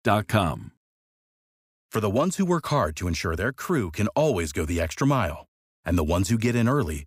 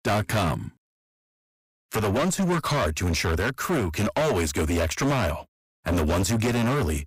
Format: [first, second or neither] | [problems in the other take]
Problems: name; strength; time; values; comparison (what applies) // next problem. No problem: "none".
first | distortion; heavy; 24% of the sound clipped